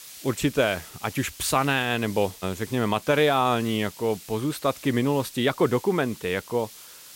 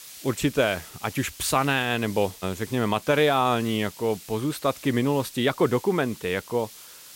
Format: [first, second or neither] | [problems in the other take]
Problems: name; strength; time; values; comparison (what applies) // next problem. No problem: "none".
neither | hiss; noticeable; throughout; 15 dB below the speech; the same in both